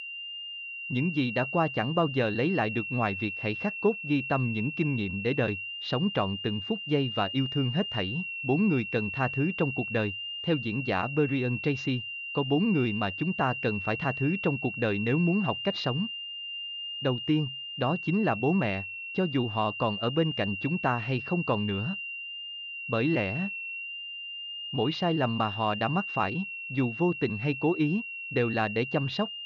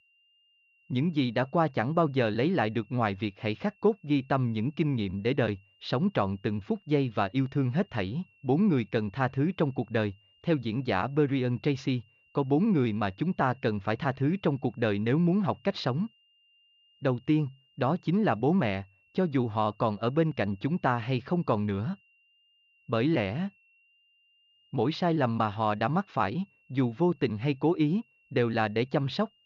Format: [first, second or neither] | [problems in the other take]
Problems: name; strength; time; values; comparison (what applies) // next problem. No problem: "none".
second | high-pitched whine; loud; throughout; 2.5 kHz, 5 dB below the speech; faint in the second